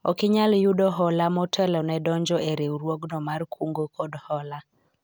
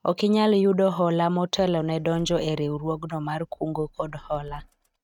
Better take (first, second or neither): first